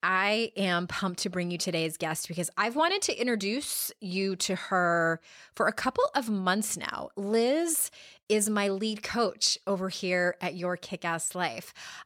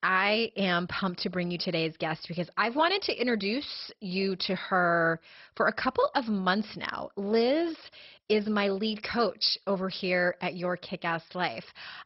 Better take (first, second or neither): first